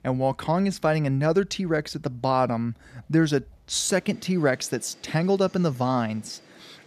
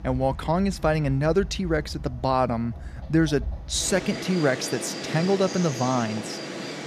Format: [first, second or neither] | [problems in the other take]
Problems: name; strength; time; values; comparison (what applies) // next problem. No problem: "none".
first | animal sounds; loud; throughout; 10 dB below the speech; faint in the first